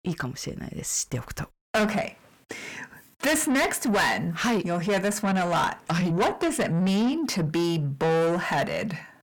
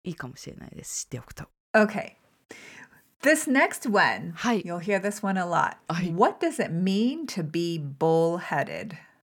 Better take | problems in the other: second | distortion; heavy; 6 dB below the speech

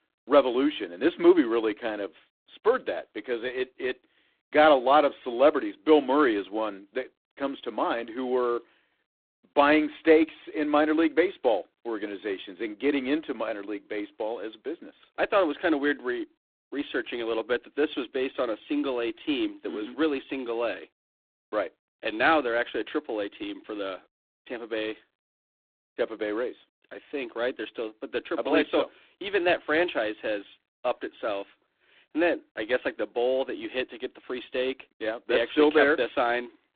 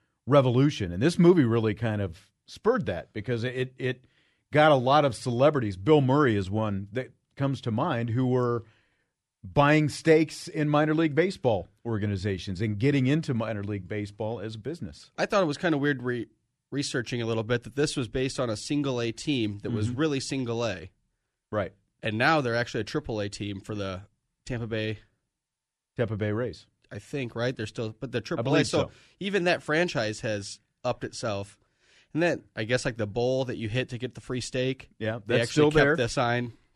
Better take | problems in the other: second | phone-call audio; poor line; nothing above 3.5 kHz

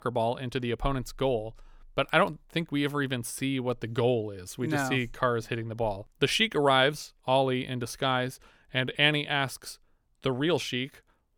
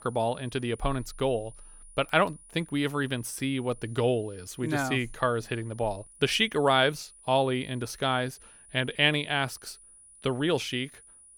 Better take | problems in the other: first | high-pitched whine; faint; throughout; 9.5 kHz, 25 dB below the speech

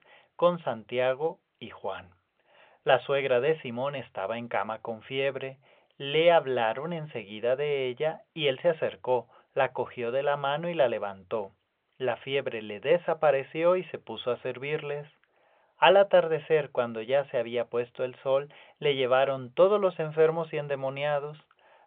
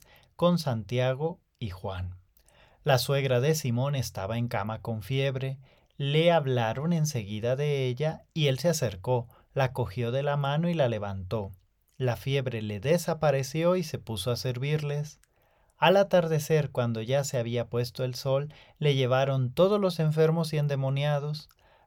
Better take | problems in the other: second | phone-call audio; nothing above 3.5 kHz

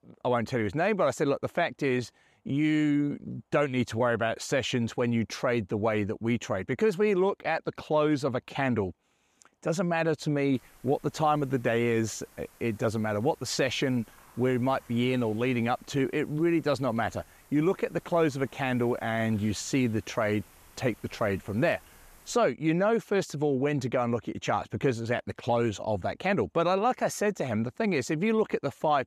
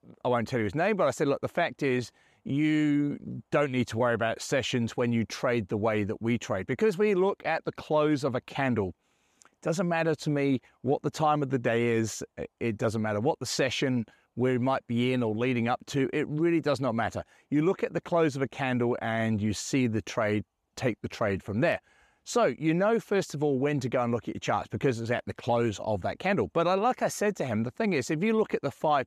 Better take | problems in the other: second | hiss; faint; from 11 to 22 s; 25 dB below the speech

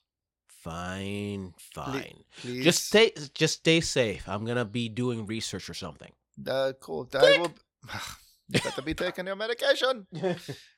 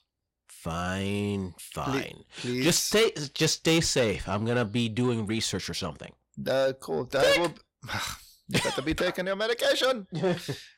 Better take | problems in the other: first | distortion; heavy; 7 dB below the speech

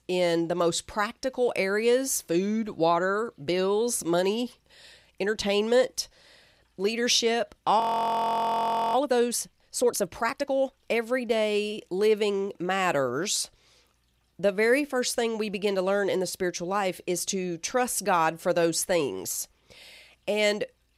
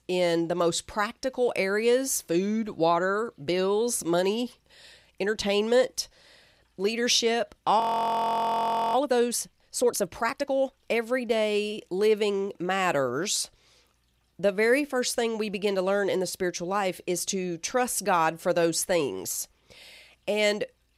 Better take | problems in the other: neither | audio freezing; at 8 s for 1 s; the same in both

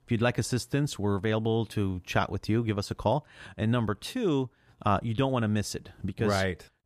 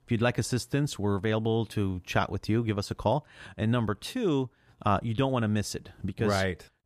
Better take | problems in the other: neither | none

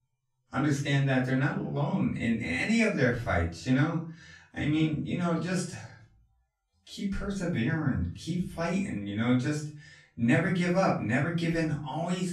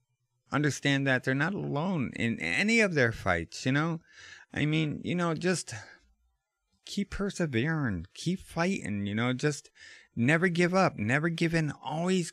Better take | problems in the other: second | off-mic speech; far // room echo; slight; dies away in 0.4 s

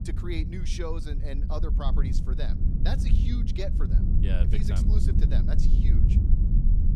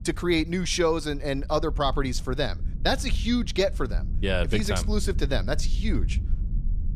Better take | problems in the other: second | low rumble; loud; throughout; 2 dB below the speech; faint in the second

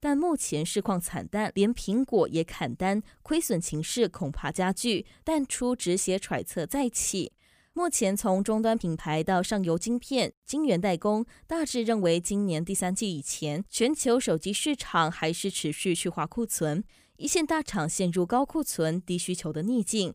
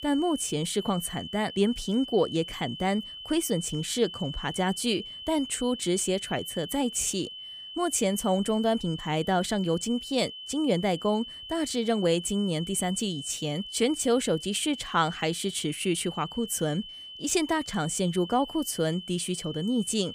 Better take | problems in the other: first | high-pitched whine; noticeable; throughout; 3 kHz, 10 dB below the speech

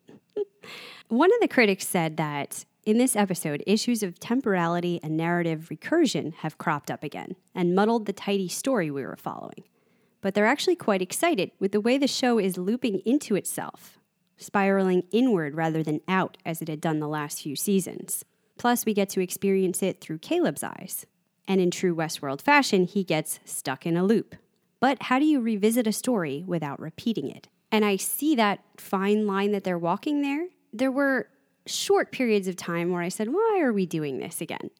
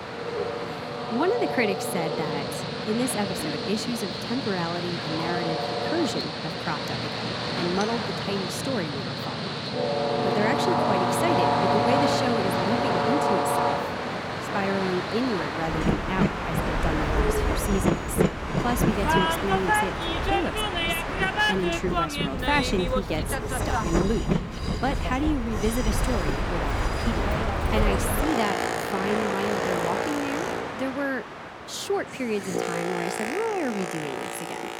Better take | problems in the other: first | train or aircraft noise; very loud; throughout; 3 dB above the speech

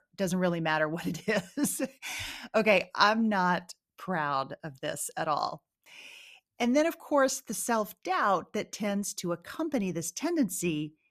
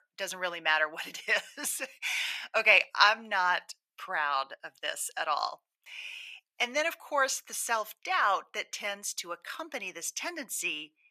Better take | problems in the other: first | thin; very; fading below 750 Hz

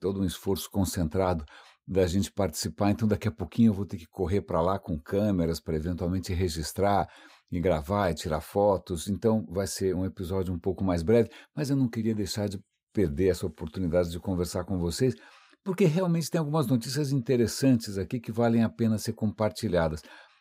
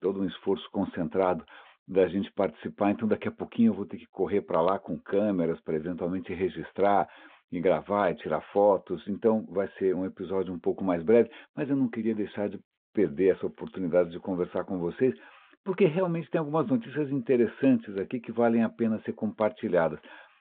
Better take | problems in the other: first | phone-call audio; nothing above 3.5 kHz

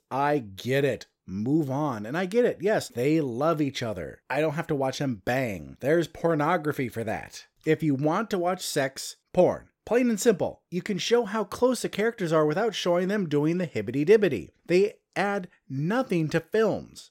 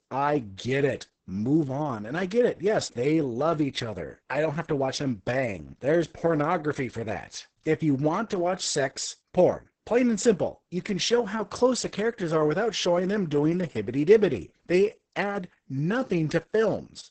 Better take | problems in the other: first | garbled, watery; badly; nothing above 8 kHz

